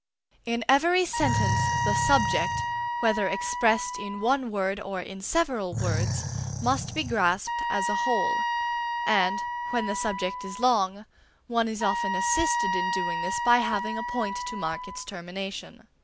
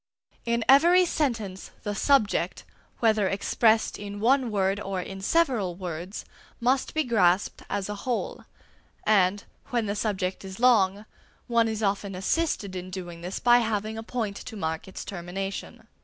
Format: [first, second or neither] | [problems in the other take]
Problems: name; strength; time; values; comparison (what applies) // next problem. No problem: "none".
second | background sound (Animal + Wind instrument, woodwind instrument); 1 dB below the speech